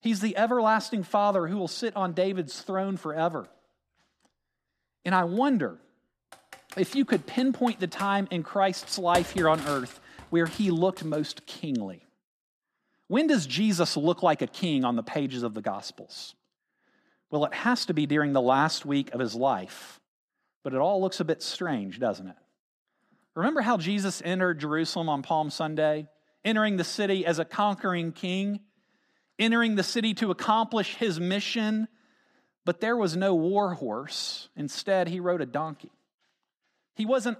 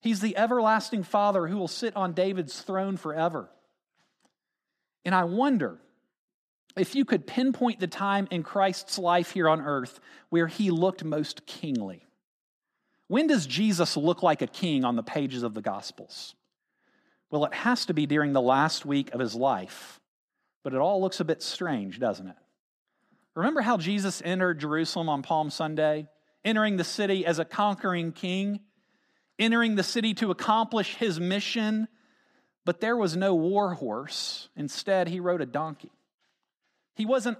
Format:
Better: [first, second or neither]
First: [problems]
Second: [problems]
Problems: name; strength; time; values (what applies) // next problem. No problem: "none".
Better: second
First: keyboard typing; noticeable; from 6.5 to 11 s; peak 7 dB below the speech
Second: none